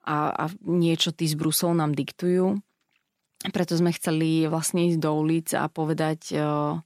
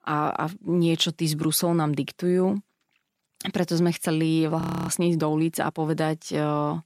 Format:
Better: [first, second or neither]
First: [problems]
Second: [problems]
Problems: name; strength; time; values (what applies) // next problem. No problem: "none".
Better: first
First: none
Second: audio freezing; at 4.5 s